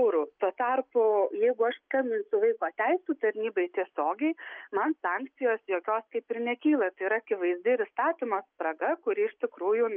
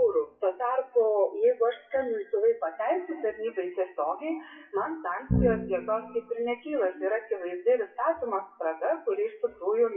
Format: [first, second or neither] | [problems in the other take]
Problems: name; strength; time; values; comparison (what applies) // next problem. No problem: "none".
first | noise reduction (classical method WPE with log-MMSE)